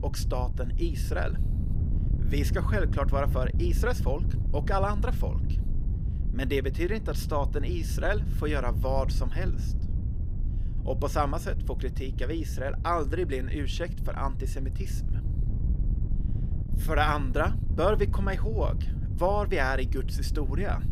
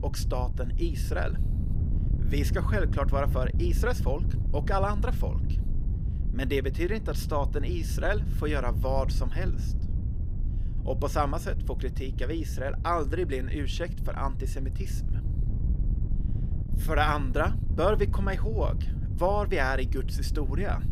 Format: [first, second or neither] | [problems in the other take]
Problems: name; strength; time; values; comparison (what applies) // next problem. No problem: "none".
neither | wind noise on the microphone; occasional gusts; 15 dB below the speech; the same in both